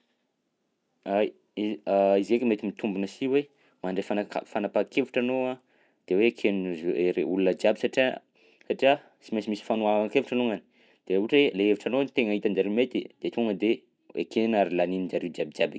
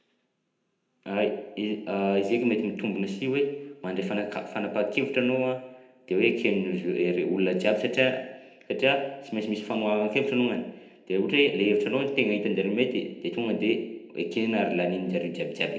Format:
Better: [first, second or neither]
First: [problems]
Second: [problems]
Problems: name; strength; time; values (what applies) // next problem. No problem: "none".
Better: first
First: none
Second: room echo; dies away in 0.8 s